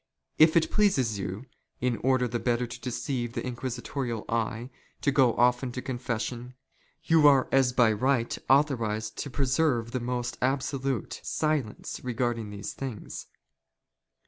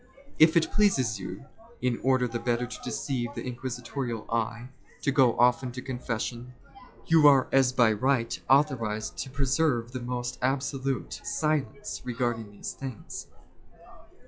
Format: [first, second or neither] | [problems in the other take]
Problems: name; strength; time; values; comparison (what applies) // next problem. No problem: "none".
first | noise reduction (classical method log-MMSE)